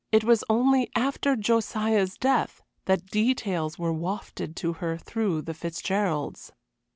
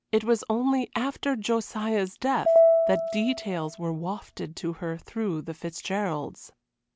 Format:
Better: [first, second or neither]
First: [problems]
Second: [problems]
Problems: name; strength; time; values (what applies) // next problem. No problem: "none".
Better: first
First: none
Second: background sound (Piano); 4 dB above the speech